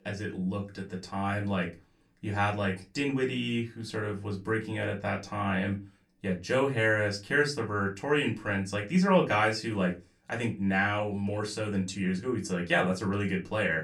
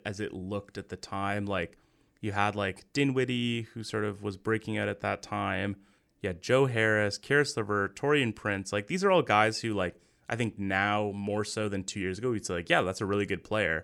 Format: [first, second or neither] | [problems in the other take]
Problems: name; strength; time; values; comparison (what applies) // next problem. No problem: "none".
second | off-mic speech; far // room echo; very slight; dies away in 0.2 s